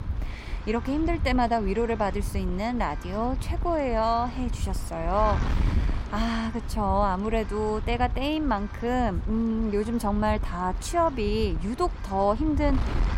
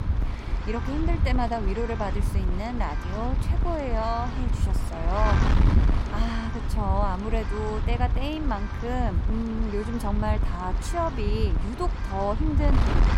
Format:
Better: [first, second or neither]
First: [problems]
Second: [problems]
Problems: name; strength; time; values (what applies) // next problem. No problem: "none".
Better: first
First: wind noise on the microphone; occasional gusts; 15 dB below the speech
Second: wind noise on the microphone; heavy; 5 dB below the speech